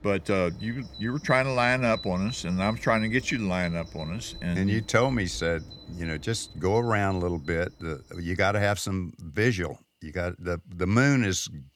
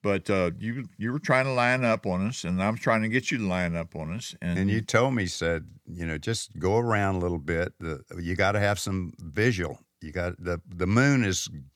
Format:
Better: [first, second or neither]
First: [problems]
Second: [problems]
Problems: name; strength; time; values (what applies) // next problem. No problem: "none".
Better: second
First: animal sounds; noticeable; throughout; 15 dB below the speech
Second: none